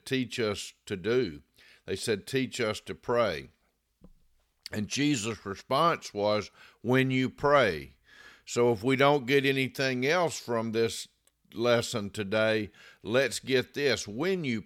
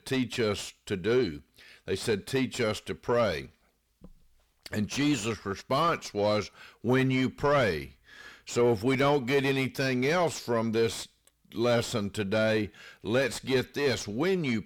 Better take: first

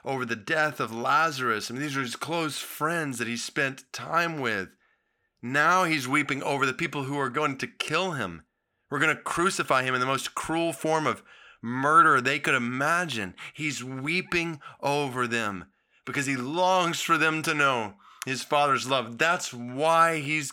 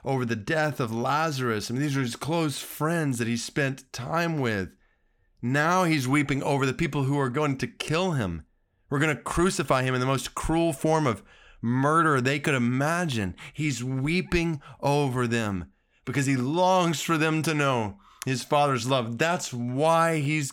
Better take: second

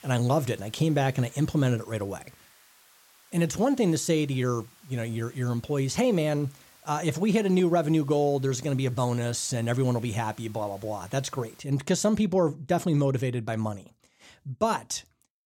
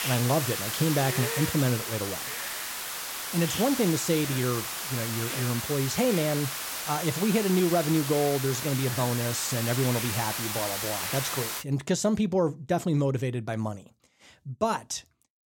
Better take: first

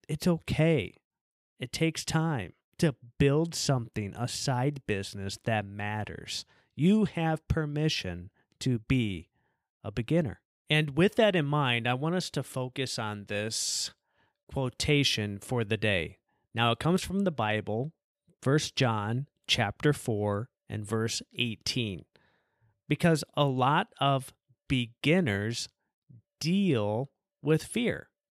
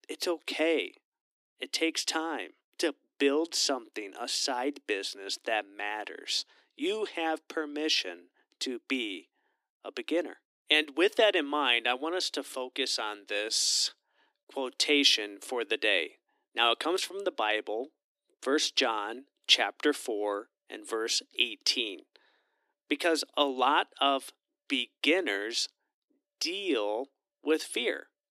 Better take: first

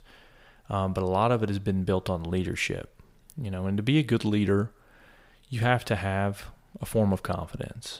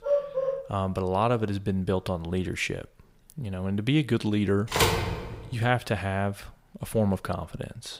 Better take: first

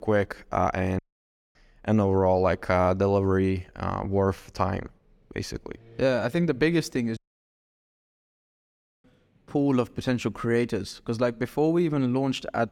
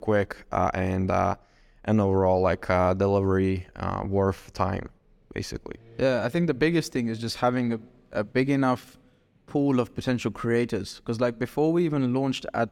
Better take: second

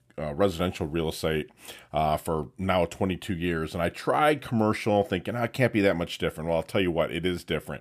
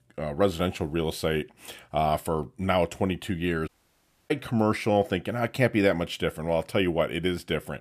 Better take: first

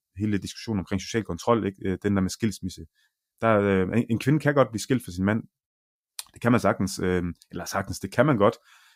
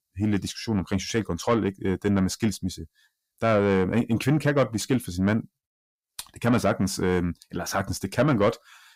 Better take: first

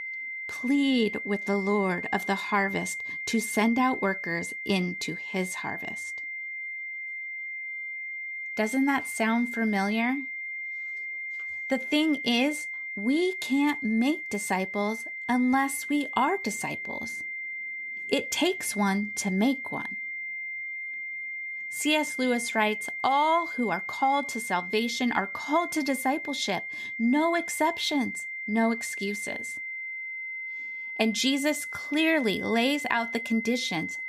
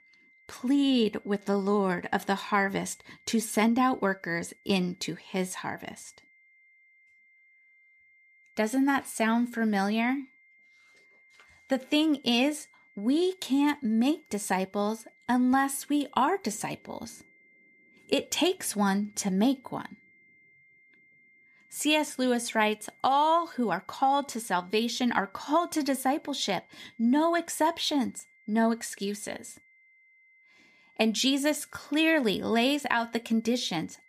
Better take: second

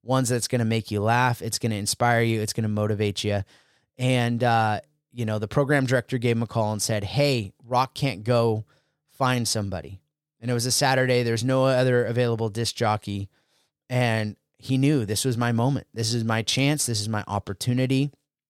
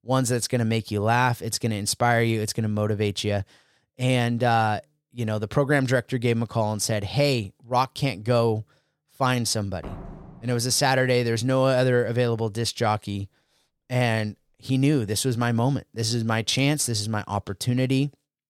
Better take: first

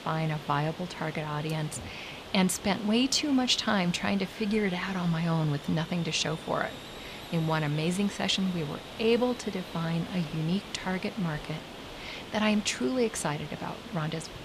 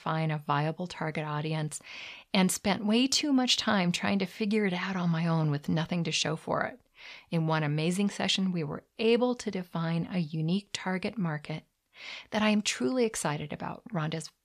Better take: second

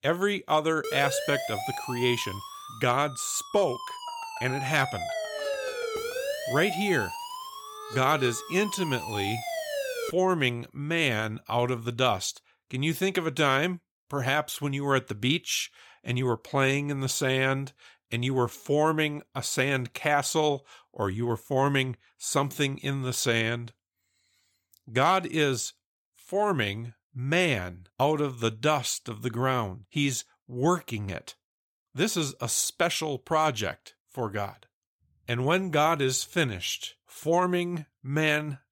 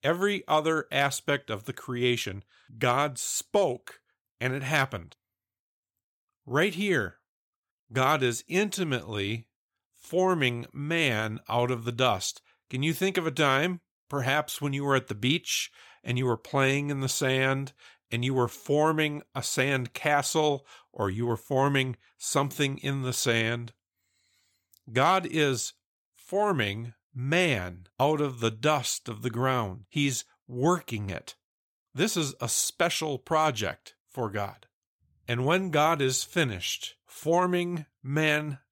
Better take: second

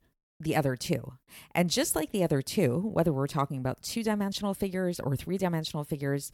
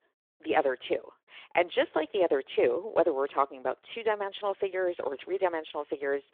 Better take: first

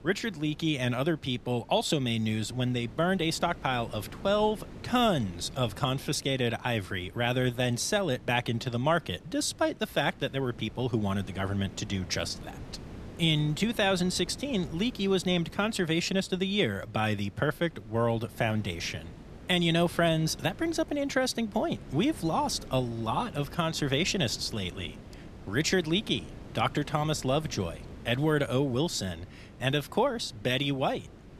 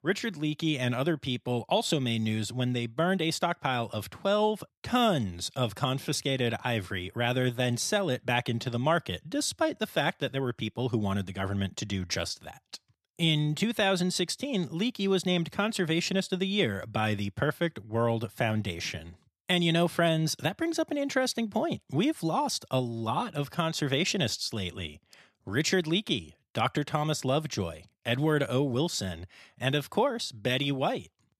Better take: second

